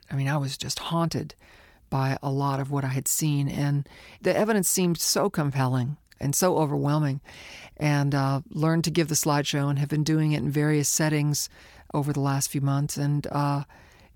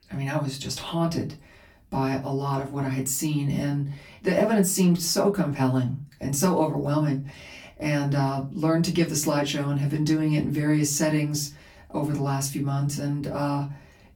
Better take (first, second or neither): first